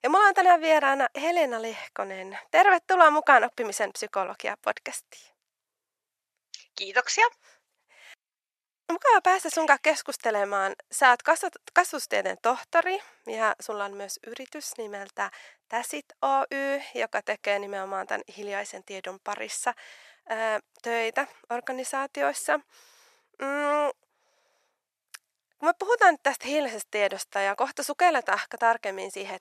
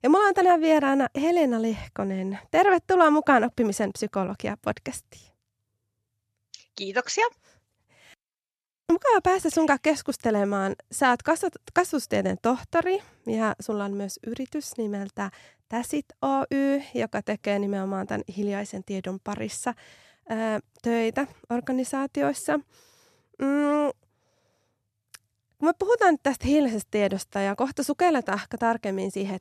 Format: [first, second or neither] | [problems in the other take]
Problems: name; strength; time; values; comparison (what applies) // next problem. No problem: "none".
second | thin; very; fading below 700 Hz